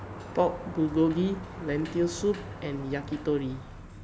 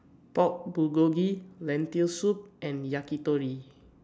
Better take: second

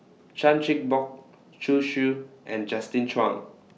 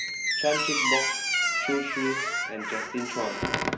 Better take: first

